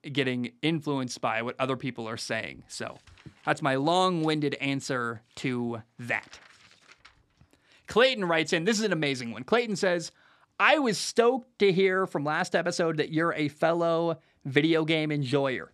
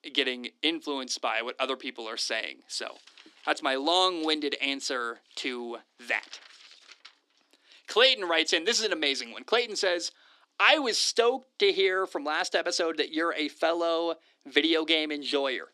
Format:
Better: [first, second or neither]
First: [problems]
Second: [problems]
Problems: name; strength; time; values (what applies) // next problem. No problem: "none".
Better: first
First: none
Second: thin; somewhat; fading below 300 Hz